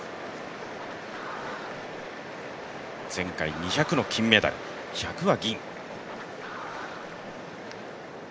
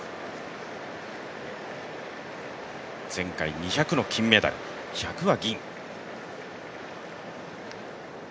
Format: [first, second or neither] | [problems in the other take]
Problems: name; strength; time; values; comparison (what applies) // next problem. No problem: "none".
second | background sound (Scratching (performance technique)); 13 dB below the speech